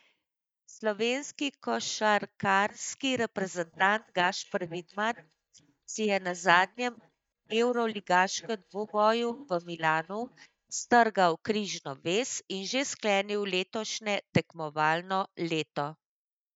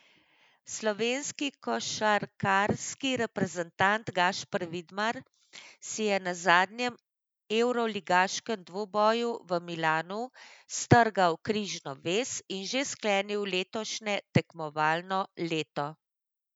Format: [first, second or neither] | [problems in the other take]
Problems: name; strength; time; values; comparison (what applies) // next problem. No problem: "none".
second | noise reduction (neural mask model DeepFilterNet 3)